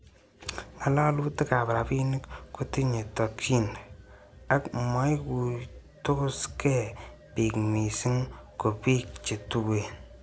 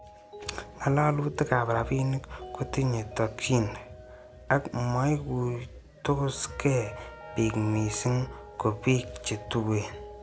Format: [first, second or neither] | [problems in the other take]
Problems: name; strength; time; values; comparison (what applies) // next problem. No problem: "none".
first | background sound (Mallet percussion + Trumpet); 18 dB below the speech